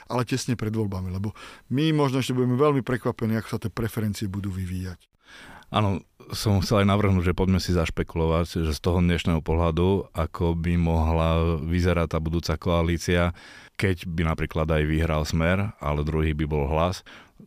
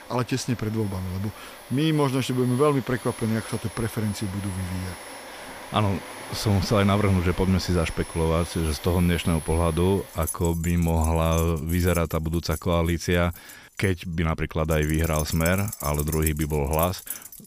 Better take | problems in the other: first | household noises; noticeable; throughout; 10 dB below the speech

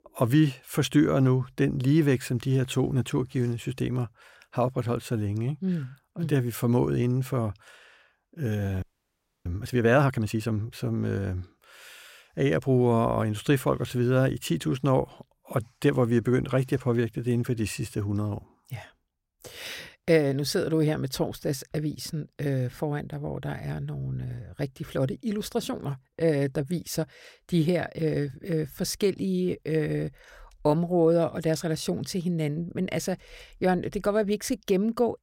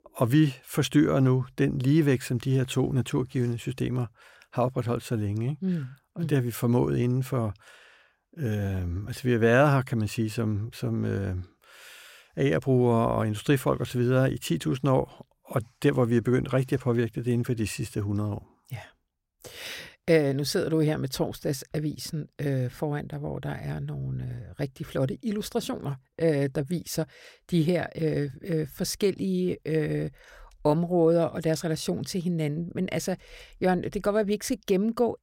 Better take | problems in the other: second | audio freezing; at 9 s for 0.5 s

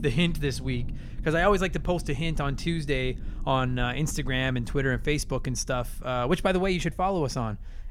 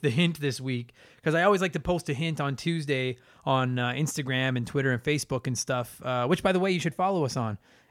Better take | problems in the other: second | low rumble; faint; throughout; 25 dB below the speech

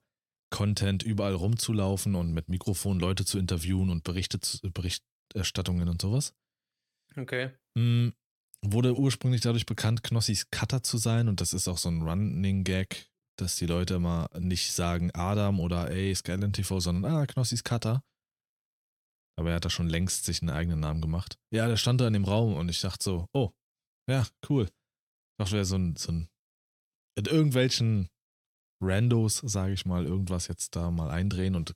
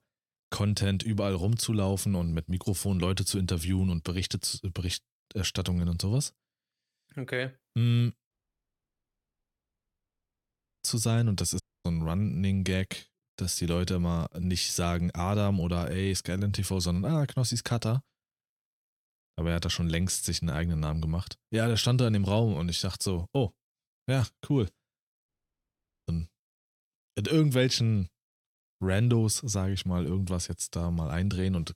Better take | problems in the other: first | audio cutting out; at 8.5 s for 2.5 s, at 12 s and at 25 s for 1 s

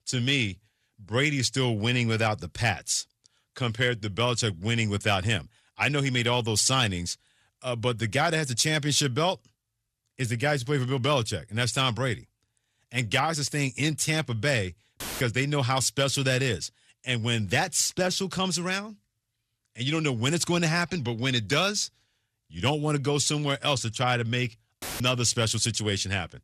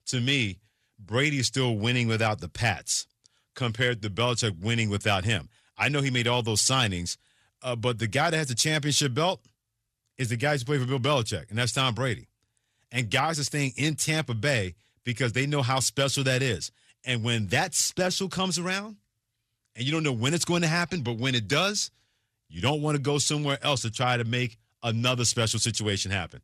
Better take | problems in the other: second | audio cutting out; filled with static; at 15 s and at 25 s

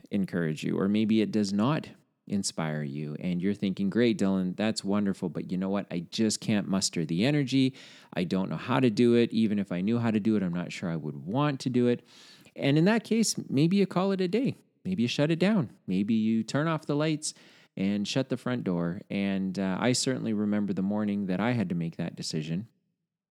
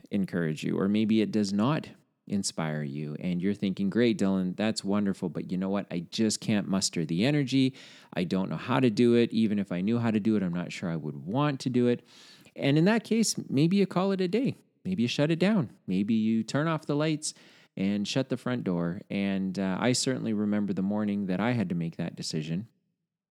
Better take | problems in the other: neither | none

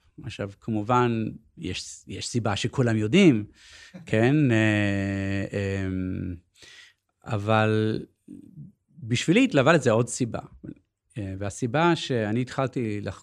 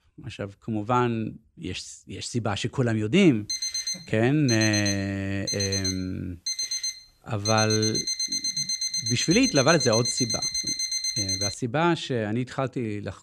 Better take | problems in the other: first | alarm; loud; from 3.5 to 12 s; peak 1 dB above the speech

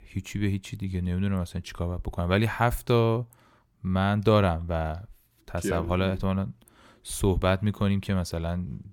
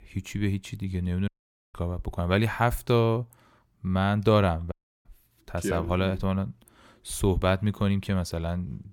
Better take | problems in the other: first | audio cutting out; at 1.5 s and at 4.5 s

